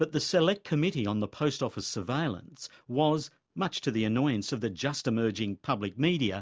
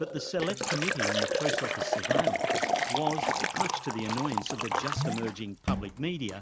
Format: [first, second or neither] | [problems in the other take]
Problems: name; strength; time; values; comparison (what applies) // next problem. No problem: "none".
first | background sound (Liquid); 4 dB above the speech